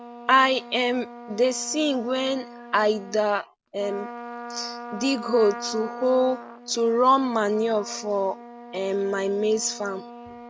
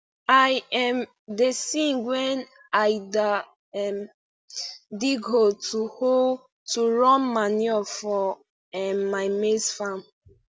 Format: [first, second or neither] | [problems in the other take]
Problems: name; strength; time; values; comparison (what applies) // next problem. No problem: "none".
second | background sound (Trumpet); 14 dB below the speech